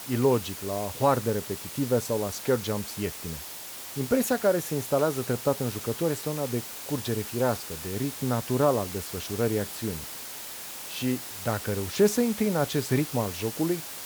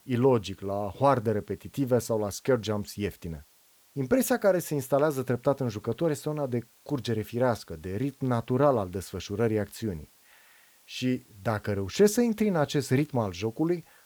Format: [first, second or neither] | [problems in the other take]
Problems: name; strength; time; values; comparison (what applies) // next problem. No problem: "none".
second | hiss; loud; throughout; 8 dB below the speech; faint in the second